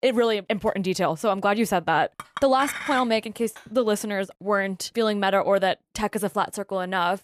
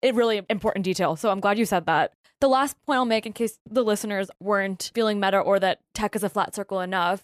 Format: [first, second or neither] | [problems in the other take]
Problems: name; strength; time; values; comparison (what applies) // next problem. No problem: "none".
second | clattering dishes; noticeable; from 2 to 3.5 s; peak 6 dB below the speech